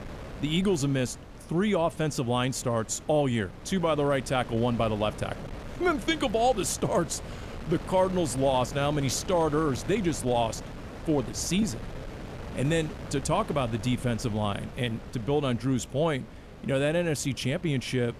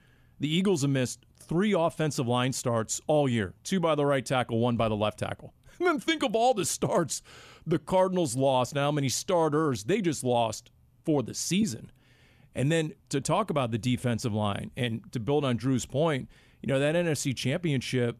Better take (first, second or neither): second